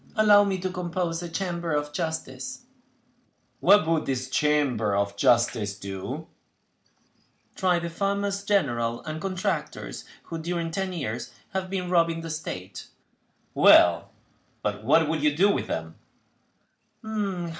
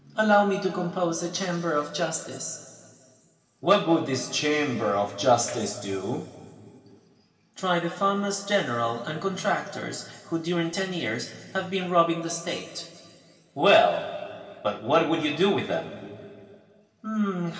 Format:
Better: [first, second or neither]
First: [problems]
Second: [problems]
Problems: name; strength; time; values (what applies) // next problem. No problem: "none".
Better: first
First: none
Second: room echo; dies away in 2.3 s